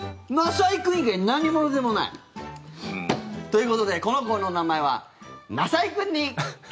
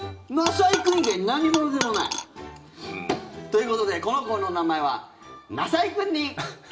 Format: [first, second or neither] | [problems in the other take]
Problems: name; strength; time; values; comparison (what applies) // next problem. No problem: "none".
first | background sound (Coin (dropping)); 5 dB below the speech // room echo; dies away in 1.3 s